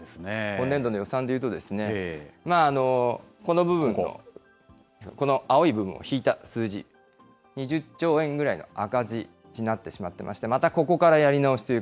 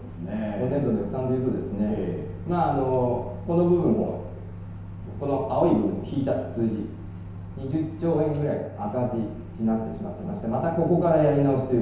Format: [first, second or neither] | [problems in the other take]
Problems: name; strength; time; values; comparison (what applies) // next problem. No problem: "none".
first | background sound (Microwave oven); 12 dB below the speech // room echo; dies away in 1 s